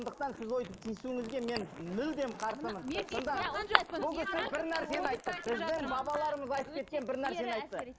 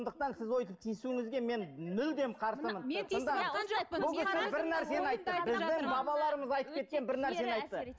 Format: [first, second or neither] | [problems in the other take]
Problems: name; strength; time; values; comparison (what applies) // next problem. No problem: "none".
second | noise reduction (neural mask model Resemble Enhance denoiser)